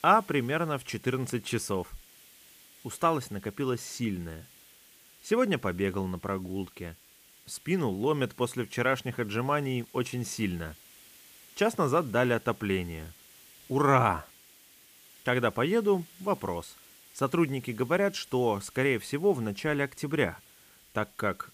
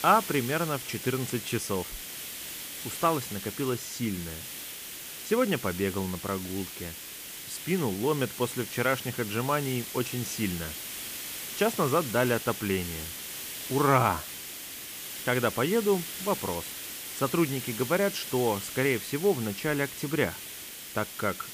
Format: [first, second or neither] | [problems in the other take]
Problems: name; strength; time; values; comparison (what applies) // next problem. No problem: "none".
first | hiss; loud; throughout; 7 dB below the speech; faint in the first